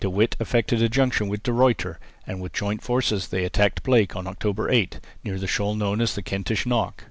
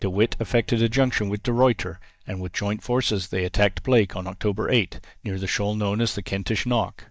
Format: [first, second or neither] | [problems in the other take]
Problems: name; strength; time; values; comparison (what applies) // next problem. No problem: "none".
first | noise reduction (neural mask model DeepFilterNet 3)